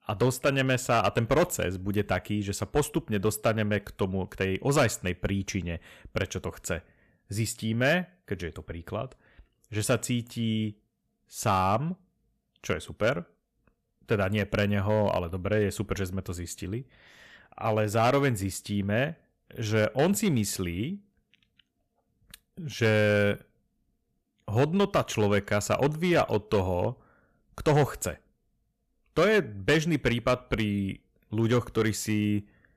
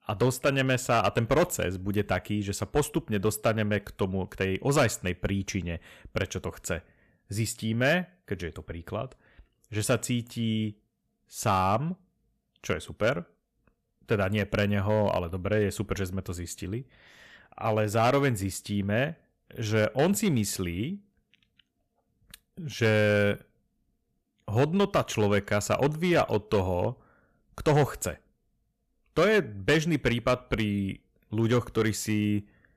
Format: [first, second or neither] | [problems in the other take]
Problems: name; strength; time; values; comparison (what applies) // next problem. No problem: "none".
neither | distortion; slight; 3% of the sound clipped; the same in both